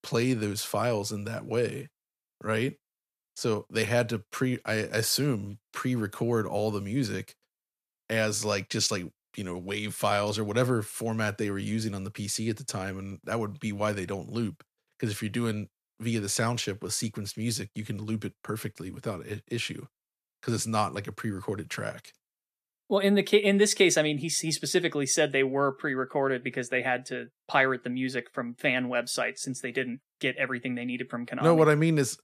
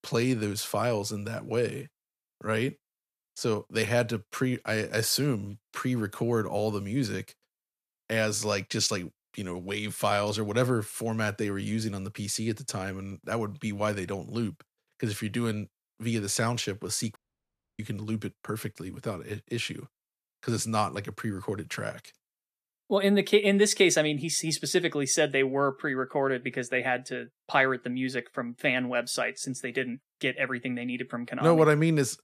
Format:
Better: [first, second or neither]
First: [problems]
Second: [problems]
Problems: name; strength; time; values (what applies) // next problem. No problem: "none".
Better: first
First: none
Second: audio cutting out; at 17 s for 0.5 s